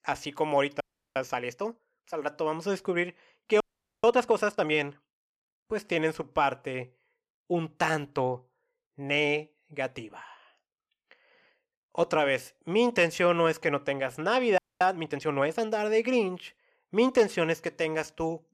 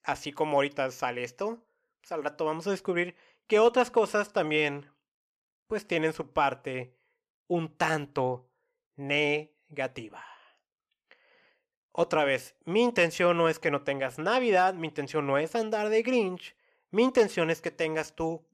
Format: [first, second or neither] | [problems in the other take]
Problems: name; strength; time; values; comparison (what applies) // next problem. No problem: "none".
second | audio freezing; at 1 s, at 3.5 s and at 15 s